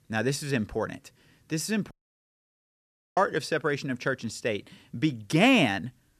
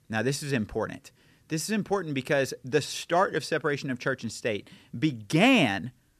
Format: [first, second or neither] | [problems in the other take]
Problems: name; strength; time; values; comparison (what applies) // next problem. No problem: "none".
second | audio cutting out; at 2 s for 1.5 s